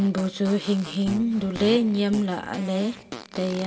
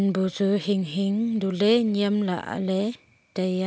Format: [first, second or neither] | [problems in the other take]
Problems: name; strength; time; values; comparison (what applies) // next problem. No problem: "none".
second | background sound (Fart); 14 dB below the speech // room echo; dies away in 0.2 s